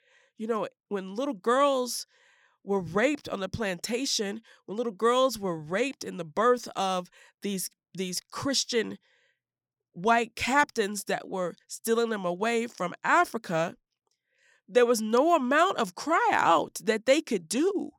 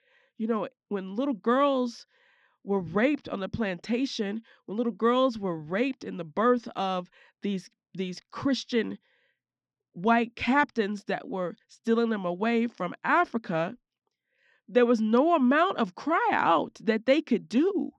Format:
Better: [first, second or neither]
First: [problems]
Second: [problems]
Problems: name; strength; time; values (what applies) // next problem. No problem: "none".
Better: first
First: none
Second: muffled; slightly; fading above 4 kHz